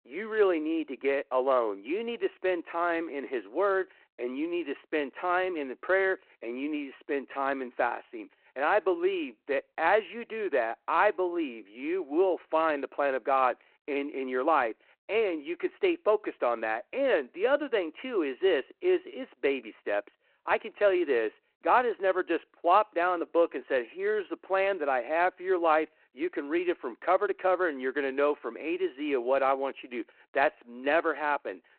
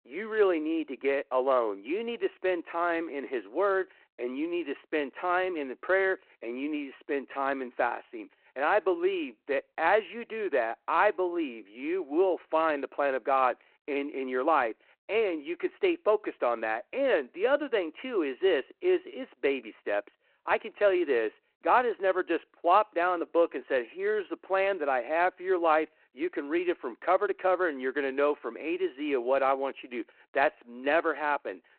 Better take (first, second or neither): neither